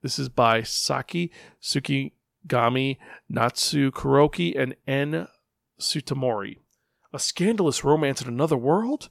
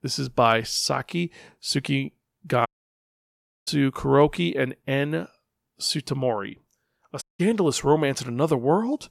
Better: first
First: none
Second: audio cutting out; at 2.5 s for 1 s and at 7 s

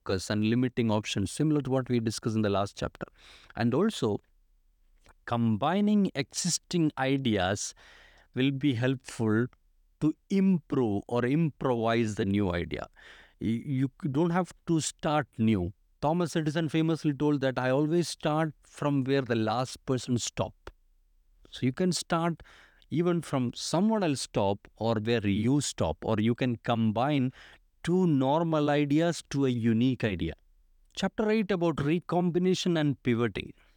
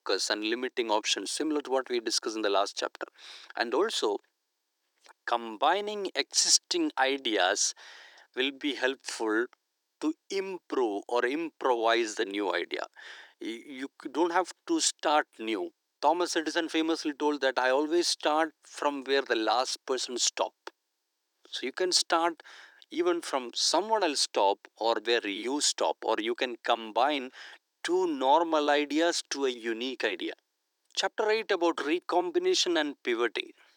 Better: first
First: none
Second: thin; very; fading below 350 Hz

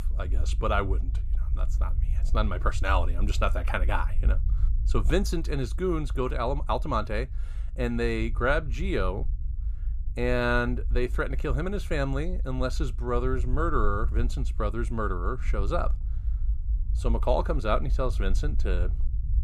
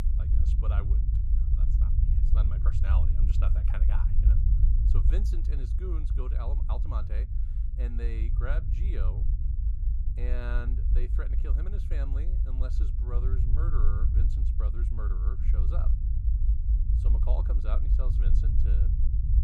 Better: first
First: low rumble; faint; throughout; 20 dB below the speech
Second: low rumble; loud; throughout; 3 dB below the speech

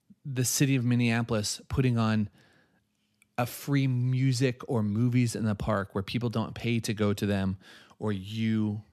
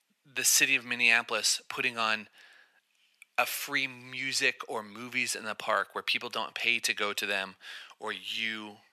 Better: first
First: none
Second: thin; very; fading below 800 Hz

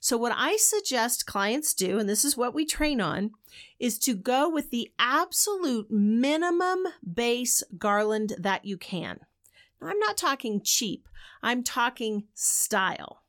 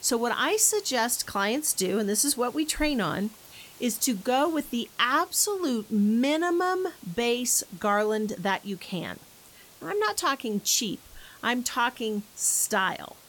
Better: first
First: none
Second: hiss; faint; throughout; 25 dB below the speech

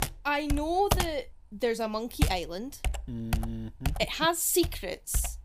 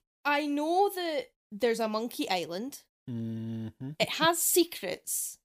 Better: second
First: household noises; loud; throughout; 4 dB below the speech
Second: none

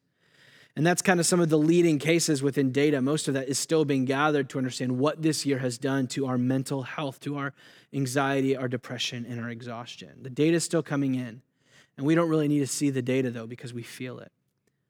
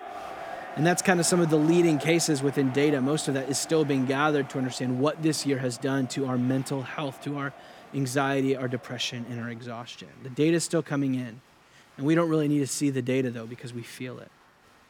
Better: first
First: none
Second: crowd noise; noticeable; throughout; 15 dB below the speech

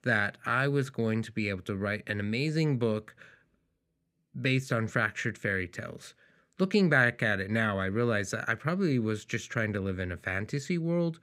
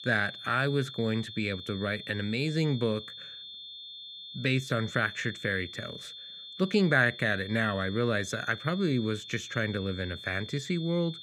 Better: first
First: none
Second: high-pitched whine; noticeable; throughout; 3.5 kHz, 10 dB below the speech

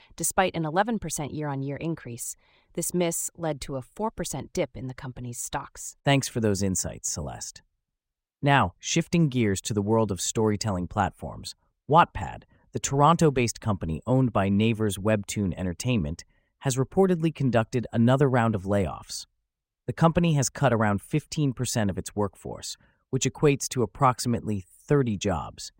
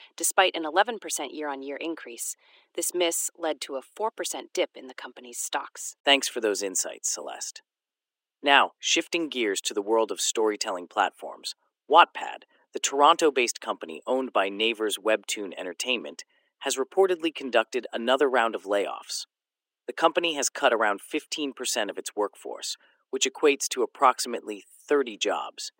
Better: first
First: none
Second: thin; very; fading below 300 Hz

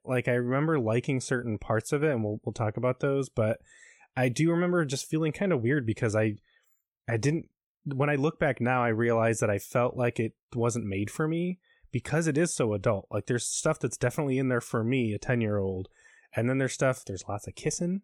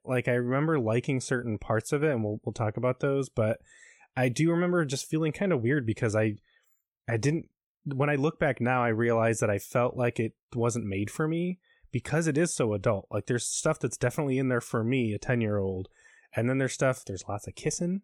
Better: neither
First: none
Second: none

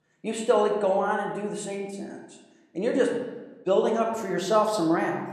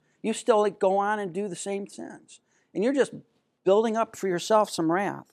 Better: second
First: room echo; slight; dies away in 0.9 s // off-mic speech; somewhat distant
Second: none

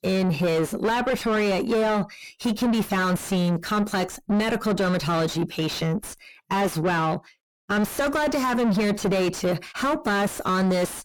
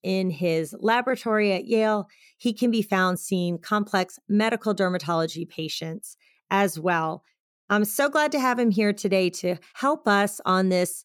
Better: second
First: distortion; heavy; 4 dB below the speech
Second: none

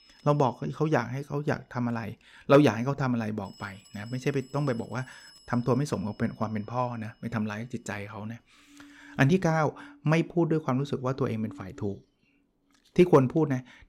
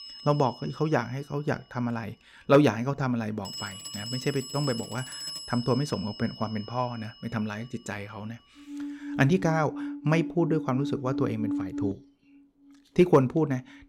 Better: first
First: alarms or sirens; faint; throughout; 25 dB below the speech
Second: alarms or sirens; loud; throughout; 9 dB below the speech

